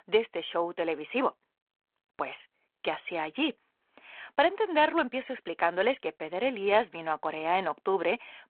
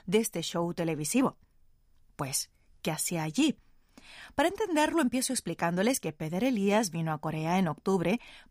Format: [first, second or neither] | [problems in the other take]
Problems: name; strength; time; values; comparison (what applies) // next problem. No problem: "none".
second | phone-call audio